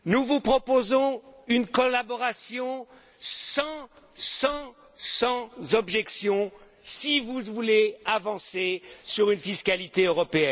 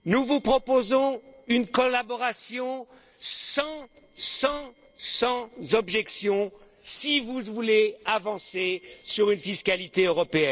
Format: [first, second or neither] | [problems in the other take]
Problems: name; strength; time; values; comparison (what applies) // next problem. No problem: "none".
first | noise reduction (neural separator model SepFormer DNS4)